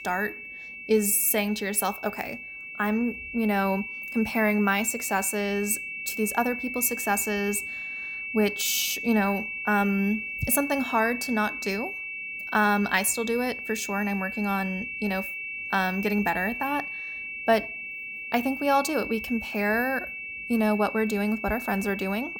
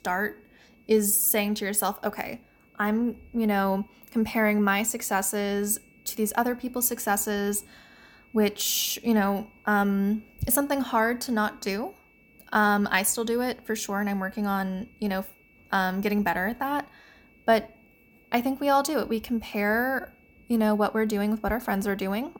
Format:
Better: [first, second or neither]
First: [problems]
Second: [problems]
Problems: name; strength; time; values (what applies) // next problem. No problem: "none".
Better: second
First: high-pitched whine; loud; throughout; 2.5 kHz, 7 dB below the speech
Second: high-pitched whine; faint; throughout; 2.5 kHz, 35 dB below the speech